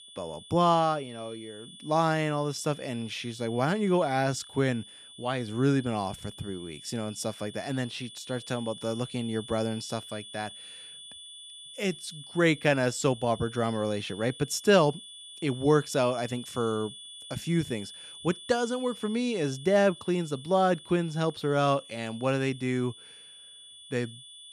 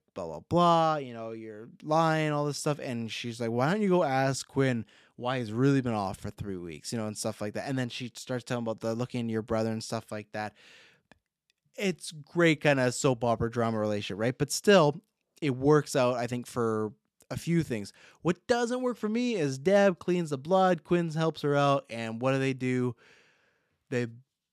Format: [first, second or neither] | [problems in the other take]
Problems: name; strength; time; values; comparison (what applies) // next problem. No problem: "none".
second | high-pitched whine; noticeable; throughout; 3.5 kHz, 15 dB below the speech